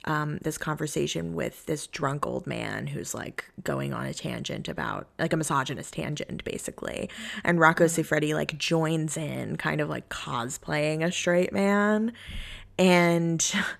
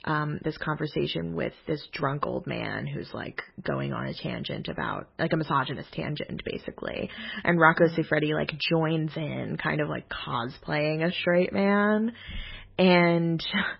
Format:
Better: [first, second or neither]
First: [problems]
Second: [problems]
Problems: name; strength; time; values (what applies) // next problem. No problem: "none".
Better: first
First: none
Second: garbled, watery; badly; nothing above 5.5 kHz